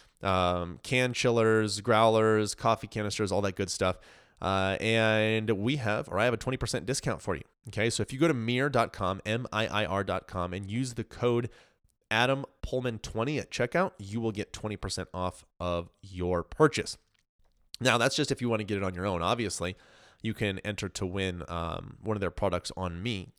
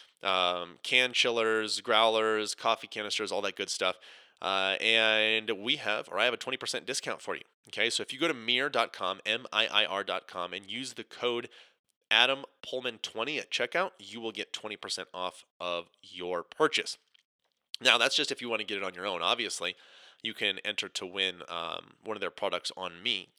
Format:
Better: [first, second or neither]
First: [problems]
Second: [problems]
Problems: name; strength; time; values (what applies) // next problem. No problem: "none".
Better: first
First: none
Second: thin; somewhat; fading below 350 Hz